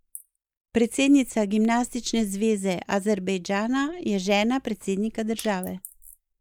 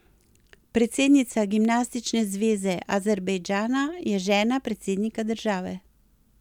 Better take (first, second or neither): second